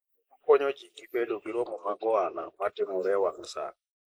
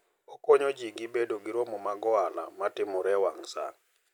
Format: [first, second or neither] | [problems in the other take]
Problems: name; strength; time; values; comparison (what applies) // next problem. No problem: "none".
second | noise reduction (neural mask model Resemble Enhance denoiser)